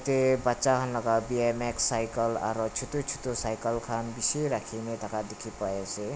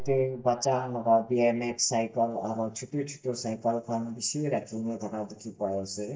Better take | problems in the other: first | noise reduction (neural mask model DeepFilterNet 3)

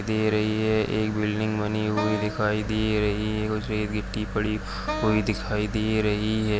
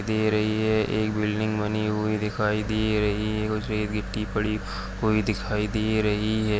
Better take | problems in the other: second | background sound (Wind instrument, woodwind instrument); 10 dB below the speech

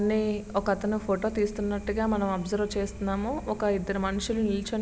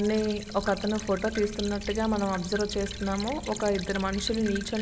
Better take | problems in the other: first | background sound (Stream / Trickle, dribble); 12 dB below the speech

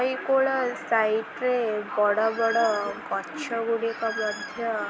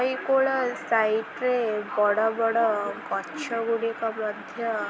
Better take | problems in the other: second | background sound (Squeak); 11 dB below the speech

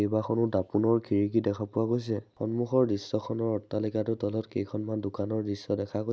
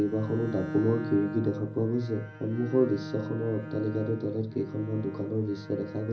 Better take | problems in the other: first | background sound (Bowed string instrument); 10 dB below the speech // room echo; dies away in 0.5 s

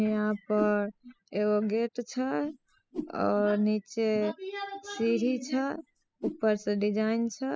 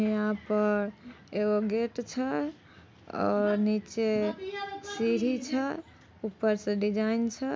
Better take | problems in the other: second | noise reduction (classical method spectral subtraction)

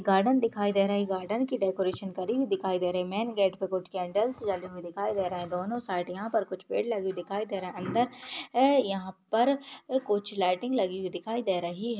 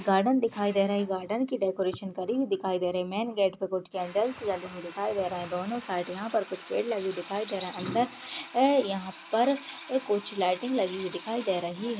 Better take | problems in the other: first | background sound (Drill); 18 dB below the speech

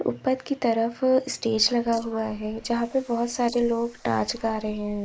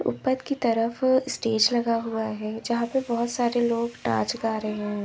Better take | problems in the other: second | noise reduction (neural mask model Resemble Enhance denoiser)

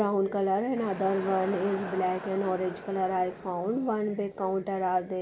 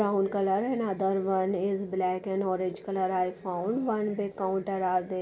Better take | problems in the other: second | background sound (Crowd); 12 dB below the speech

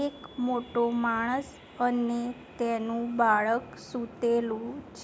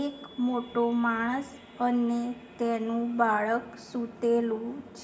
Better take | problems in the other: first | room echo; dies away in 2 s

